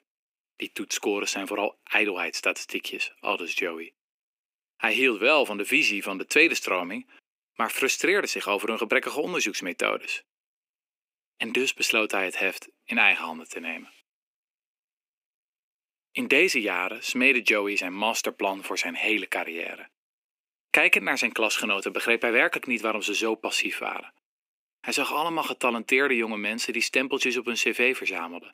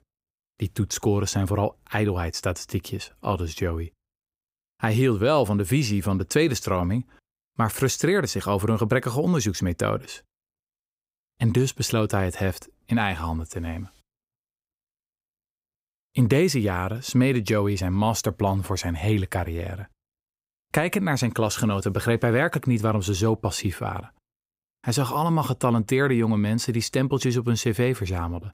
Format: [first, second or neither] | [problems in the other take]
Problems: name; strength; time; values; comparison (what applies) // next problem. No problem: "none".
second | thin; somewhat; fading below 250 Hz